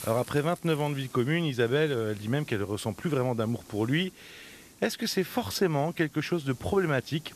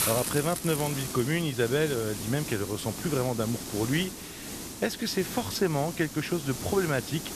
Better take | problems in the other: first | hiss; loud; throughout; 6 dB below the speech; faint in the first

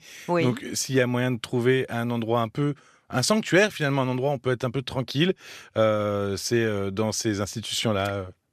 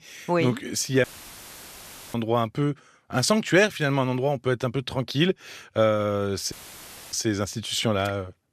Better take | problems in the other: first | audio cutting out; filled with static; at 1 s for 1 s and at 6.5 s for 0.5 s

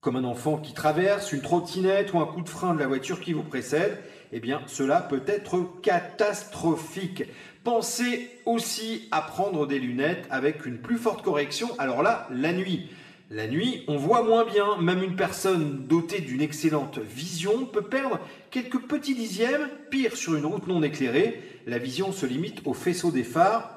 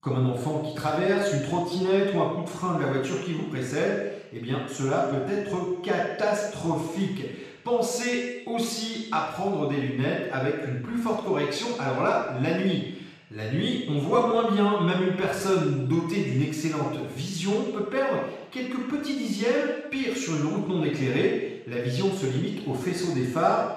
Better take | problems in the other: first | room echo; strong; dies away in 0.9 s; slight in the first // off-mic speech; far; somewhat distant in the first

